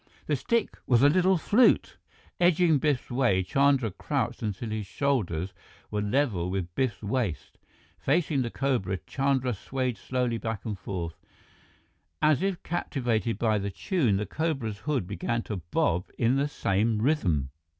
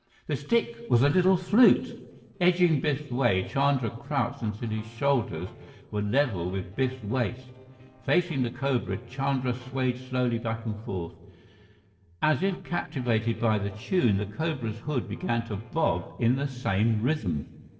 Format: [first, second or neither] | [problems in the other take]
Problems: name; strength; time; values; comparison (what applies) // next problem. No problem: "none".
first | noise reduction (neural separator model SepFormer DNS4)